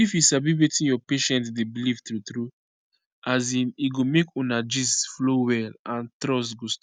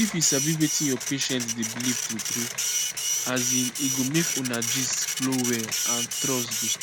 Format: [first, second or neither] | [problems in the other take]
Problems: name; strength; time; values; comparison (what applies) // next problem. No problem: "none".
first | background sound (Printer); as loud as the speech